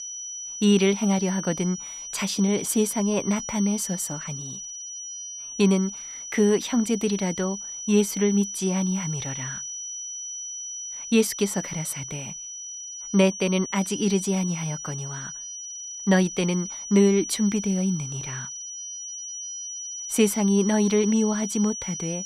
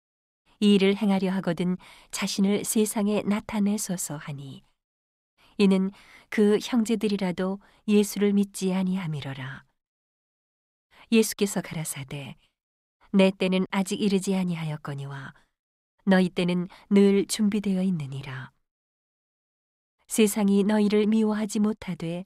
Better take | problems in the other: second | high-pitched whine; loud; throughout; 6 kHz, 8 dB below the speech

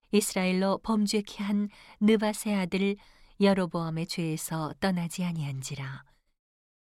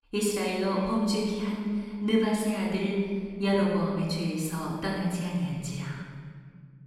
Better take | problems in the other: first | off-mic speech; far // room echo; noticeable; dies away in 1.7 s

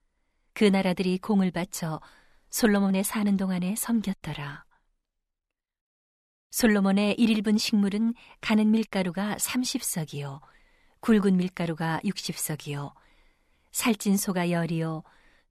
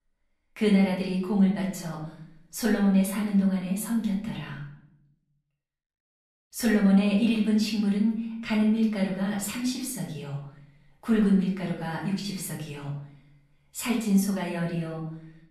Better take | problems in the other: first | room echo; noticeable; dies away in 0.7 s // off-mic speech; far

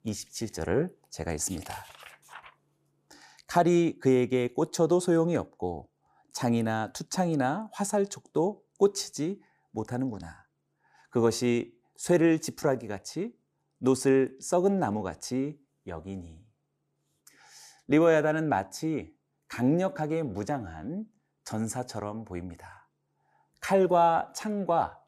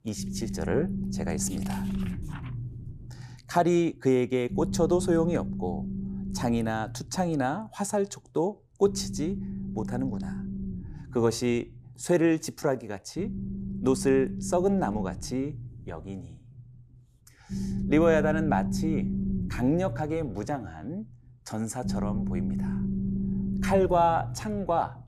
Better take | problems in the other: first | low rumble; noticeable; throughout; 10 dB below the speech

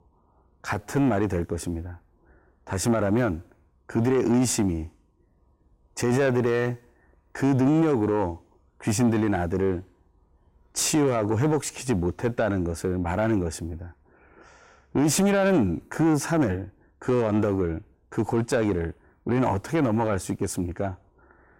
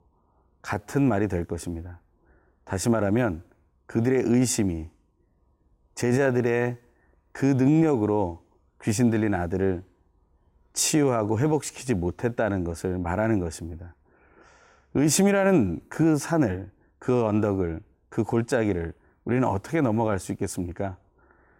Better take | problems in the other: second | distortion; slight; 10 dB below the speech

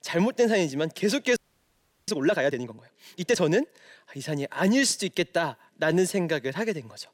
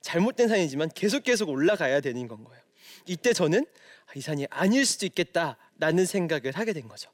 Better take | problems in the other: second | audio freezing; at 1.5 s for 0.5 s

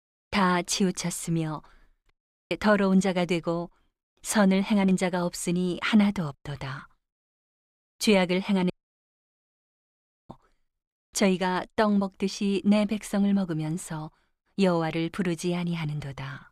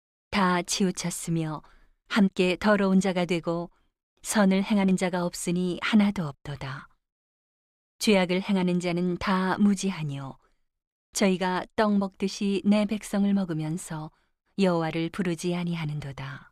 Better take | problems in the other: second | audio cutting out; at 2 s and at 8.5 s for 1.5 s

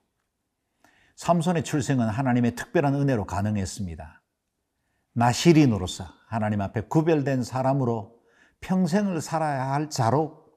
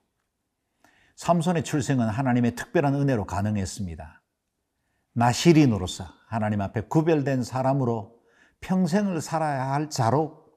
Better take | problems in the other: neither | none

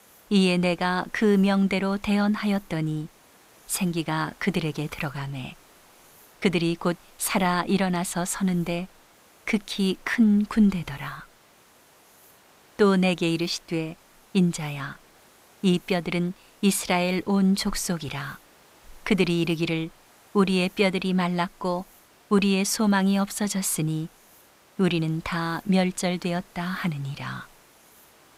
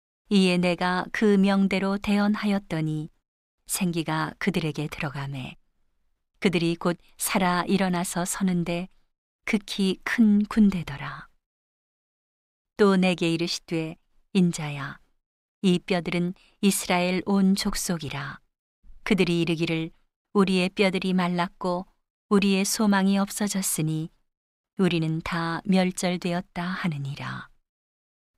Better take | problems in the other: second | hiss; faint; throughout; 30 dB below the speech

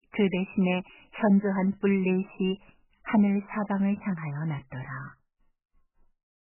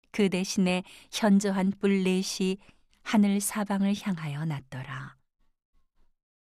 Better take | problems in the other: second | garbled, watery; badly; nothing above 3 kHz

